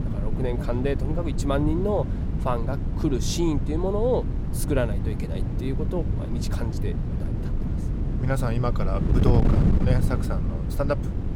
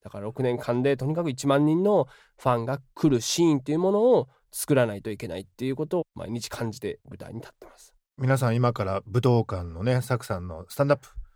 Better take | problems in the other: second | wind noise on the microphone; heavy; 7 dB below the speech

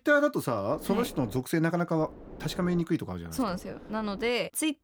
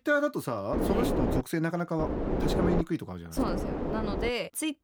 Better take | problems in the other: first | wind noise on the microphone; heavy; at 0.5 s, at 2 s and at 3.5 s; 1 dB below the speech; occasional gusts in the first

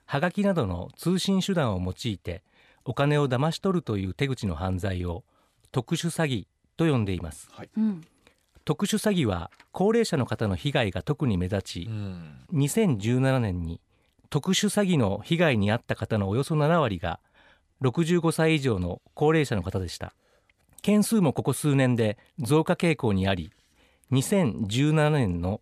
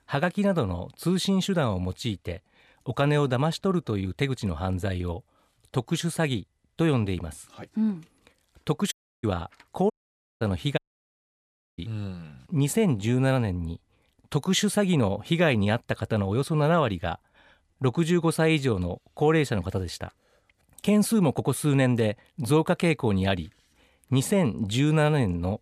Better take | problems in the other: first | audio cutting out; at 9 s, at 10 s for 0.5 s and at 11 s for 1 s

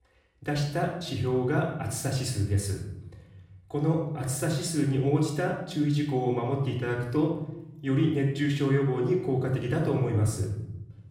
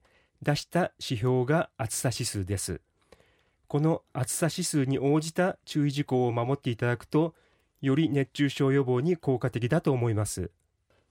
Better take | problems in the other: second | off-mic speech; far // room echo; noticeable; dies away in 0.9 s

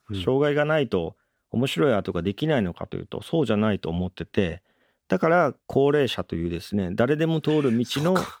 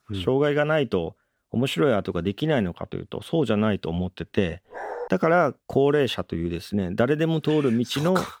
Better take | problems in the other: first | dog barking; noticeable; at 4.5 s; peak 10 dB below the speech

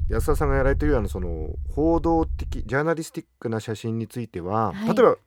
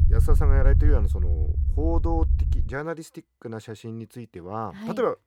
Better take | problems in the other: first | low rumble; loud; until 2.5 s; 9 dB below the speech; faint in the first

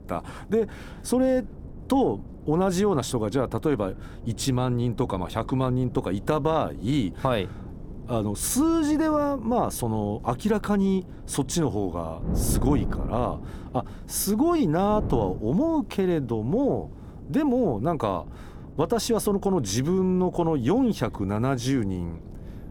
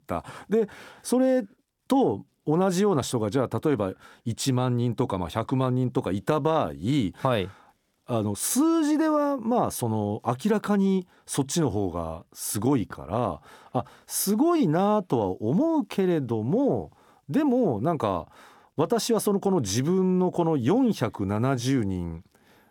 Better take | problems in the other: second | wind noise on the microphone; occasional gusts; 20 dB below the speech

